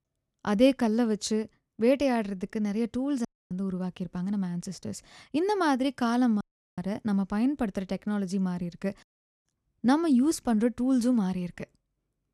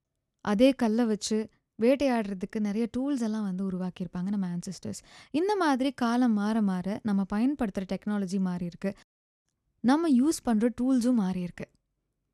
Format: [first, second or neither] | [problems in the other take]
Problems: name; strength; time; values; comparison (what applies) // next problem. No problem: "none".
second | audio cutting out; at 3.5 s and at 6.5 s